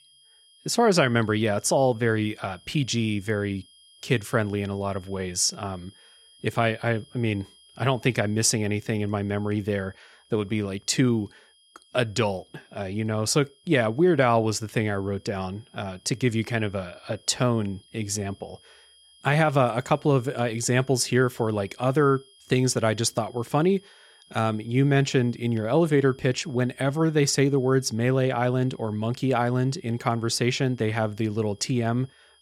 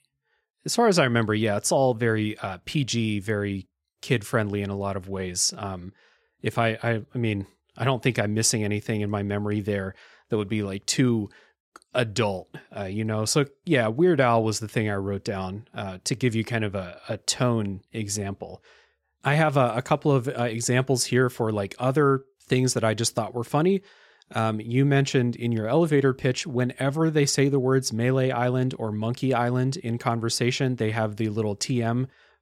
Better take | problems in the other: second | high-pitched whine; faint; throughout; 3 kHz, 30 dB below the speech

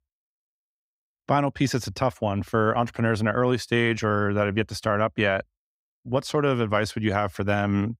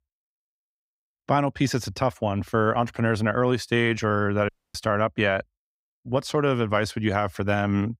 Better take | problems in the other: first | audio cutting out; at 4.5 s

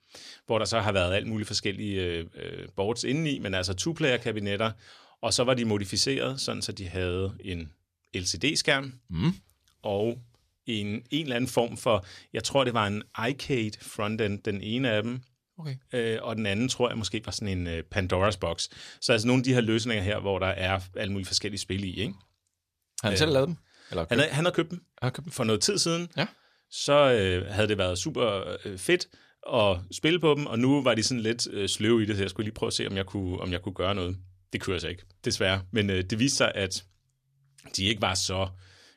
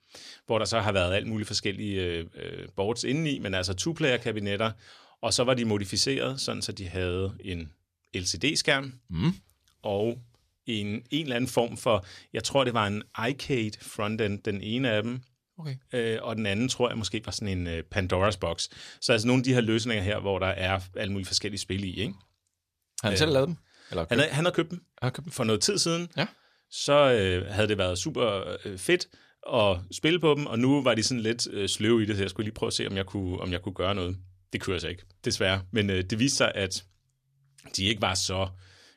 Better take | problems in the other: neither | none

